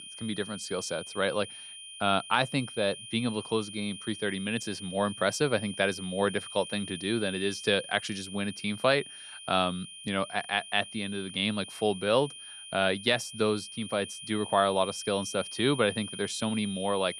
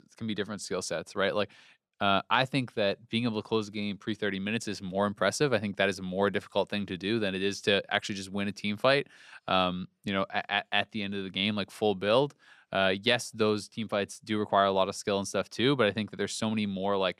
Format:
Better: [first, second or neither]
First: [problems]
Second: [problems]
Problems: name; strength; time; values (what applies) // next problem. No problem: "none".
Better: second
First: high-pitched whine; noticeable; throughout; 3 kHz, 10 dB below the speech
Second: none